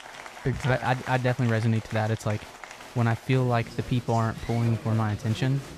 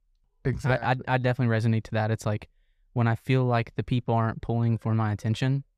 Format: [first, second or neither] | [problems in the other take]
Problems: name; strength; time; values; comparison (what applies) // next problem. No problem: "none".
second | crowd noise; noticeable; throughout; 15 dB below the speech